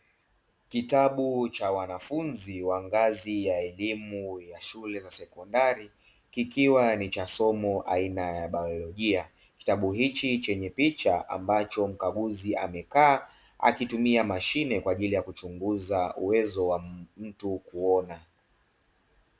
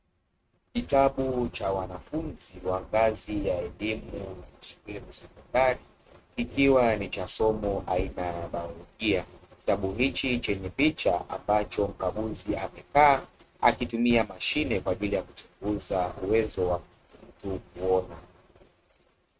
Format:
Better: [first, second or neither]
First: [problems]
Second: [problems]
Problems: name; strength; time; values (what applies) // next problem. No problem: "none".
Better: first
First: none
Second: noise reduction (neural mask model RNNoise)